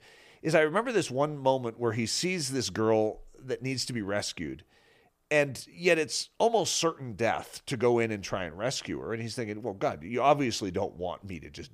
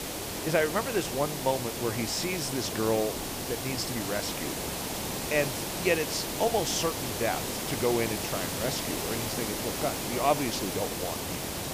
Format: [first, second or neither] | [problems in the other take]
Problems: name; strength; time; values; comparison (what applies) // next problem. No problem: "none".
first | hiss; loud; throughout; 1 dB below the speech